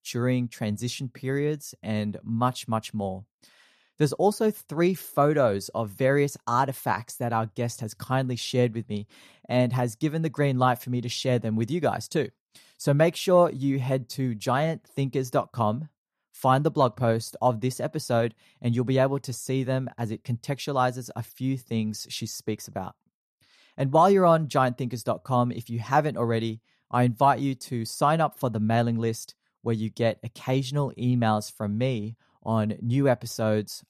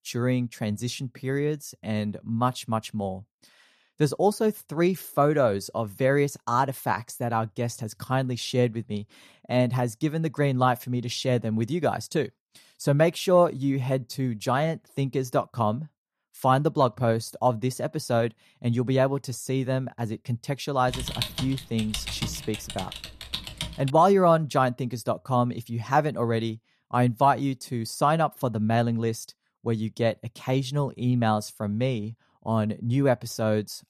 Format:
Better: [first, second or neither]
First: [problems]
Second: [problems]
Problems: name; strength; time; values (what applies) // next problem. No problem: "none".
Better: first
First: none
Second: keyboard typing; noticeable; from 21 to 24 s; peak 4 dB below the speech